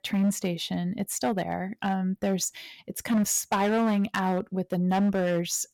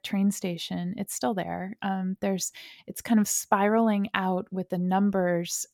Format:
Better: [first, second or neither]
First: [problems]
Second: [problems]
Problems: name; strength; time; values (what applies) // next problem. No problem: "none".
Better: second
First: distortion; slight; 9% of the sound clipped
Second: none